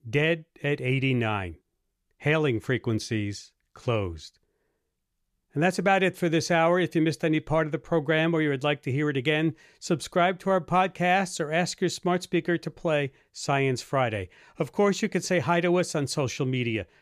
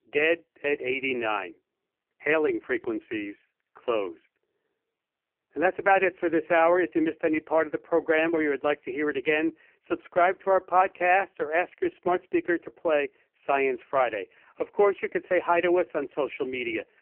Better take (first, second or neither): first